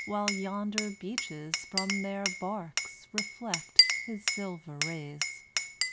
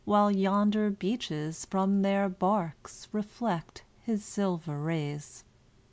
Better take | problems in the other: second | background sound (Glass); 4 dB above the speech

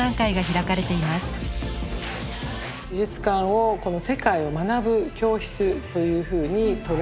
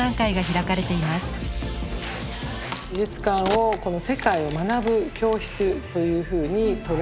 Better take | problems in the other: first | background sound (Crack); 14 dB below the speech

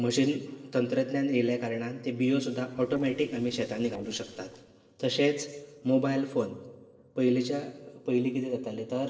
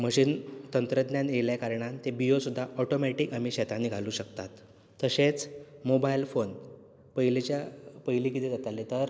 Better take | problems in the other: second | noise reduction (neural separator model SepFormer DNS4)

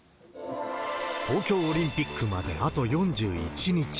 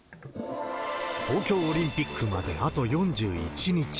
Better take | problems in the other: first | background sound (Sink (filling or washing)); 15 dB below the speech

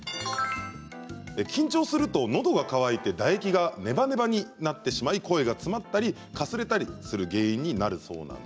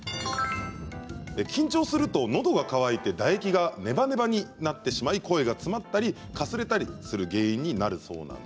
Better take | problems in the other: first | background sound (Thunder); 19 dB below the speech

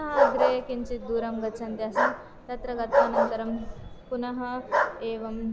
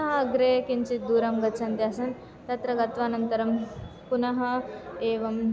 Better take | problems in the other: second | background sound (Bark); 3 dB above the speech

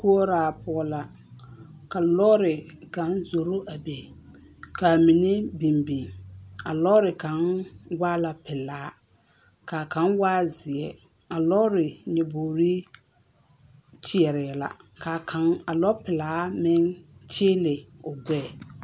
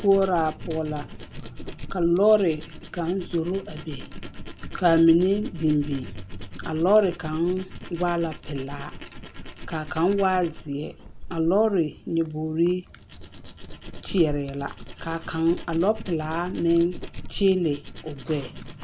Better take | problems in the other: first | background sound (Tools); 11 dB below the speech

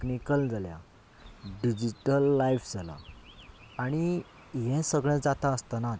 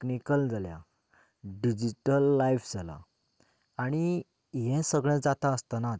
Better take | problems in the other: second | background sound (Chirp, tweet); 20 dB below the speech

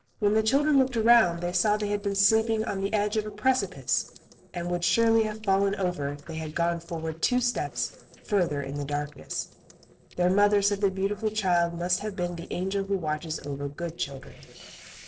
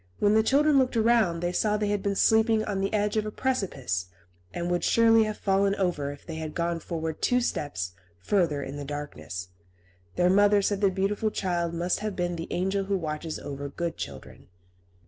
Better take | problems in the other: second | noise reduction (neural separator model SepFormer DNS4)

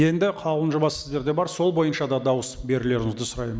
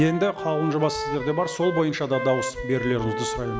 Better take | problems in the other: first | background sound (Wind instrument, woodwind instrument); 7 dB below the speech

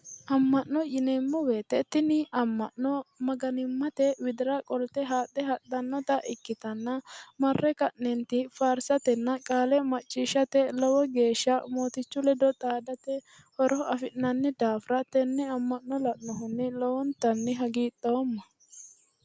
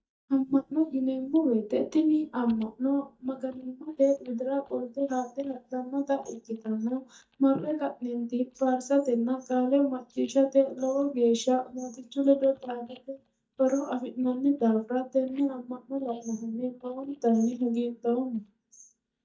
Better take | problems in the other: first | noise reduction (neural mask model DeepFilterNet 3)

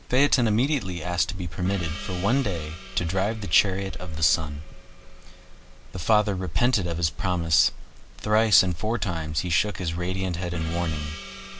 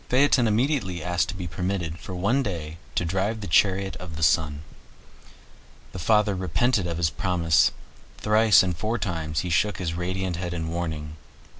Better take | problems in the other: second | background sound (Gong); 19 dB below the speech

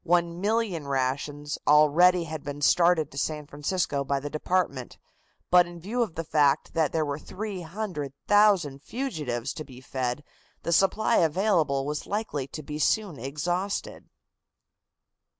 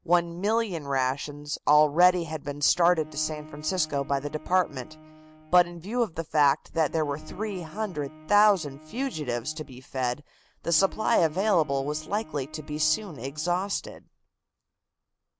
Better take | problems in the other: first | background sound (Bowed string instrument); 20 dB below the speech

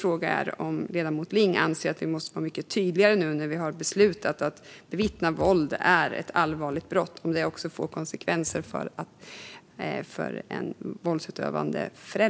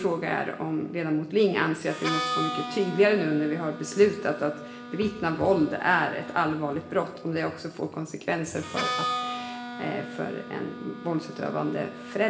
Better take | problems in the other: first | background sound (Harmonica); 9 dB below the speech // room echo; dies away in 0.8 s

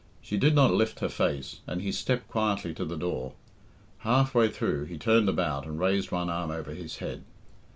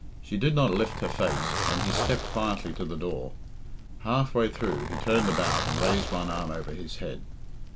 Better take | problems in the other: first | background sound (Zipper (clothing)); 3 dB below the speech

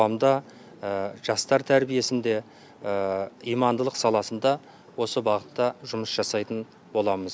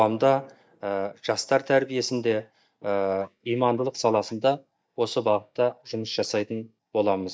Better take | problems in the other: first | noise reduction (neural mask model DeepFilterNet 3)

